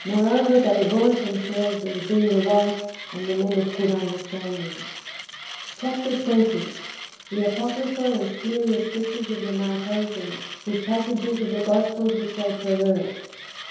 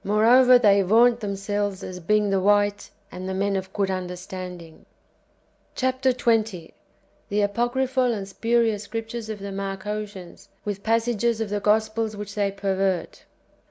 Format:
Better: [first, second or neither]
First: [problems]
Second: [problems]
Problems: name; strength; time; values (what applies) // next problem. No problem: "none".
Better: second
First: background sound (Mechanisms); 14 dB below the speech // room echo; dies away in 1 s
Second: none